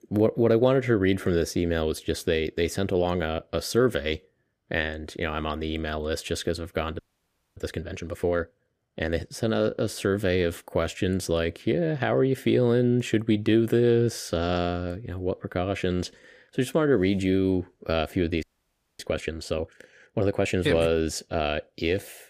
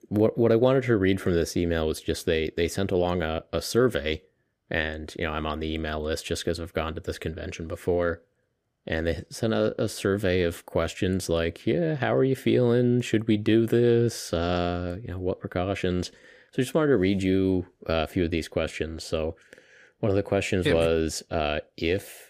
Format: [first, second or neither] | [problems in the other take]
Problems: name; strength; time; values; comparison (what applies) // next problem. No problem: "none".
second | audio freezing; at 7 s for 0.5 s and at 18 s for 0.5 s